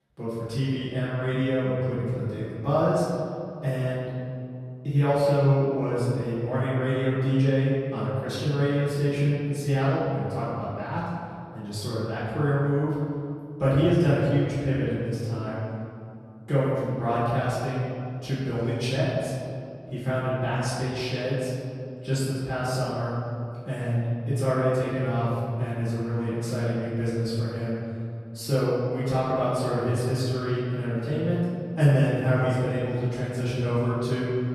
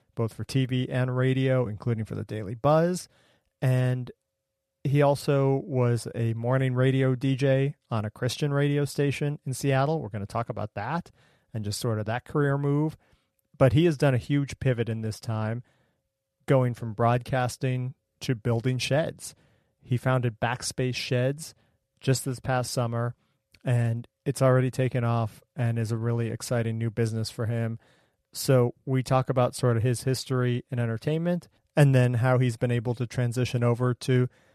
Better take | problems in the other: second | off-mic speech; far // room echo; strong; dies away in 2.2 s

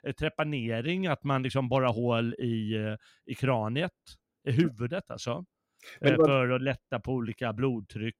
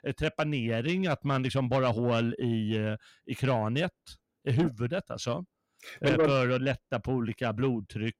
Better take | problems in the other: first | distortion; slight; 10 dB below the speech

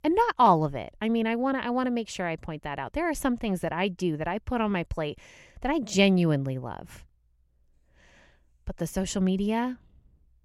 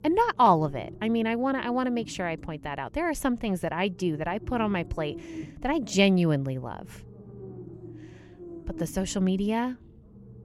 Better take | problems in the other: first | low rumble; faint; throughout; 20 dB below the speech

